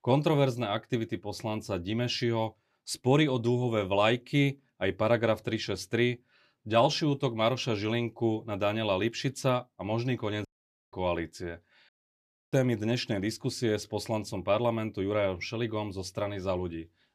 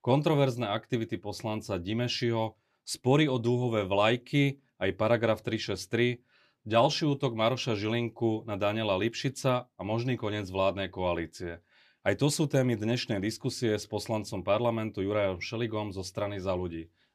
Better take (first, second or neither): second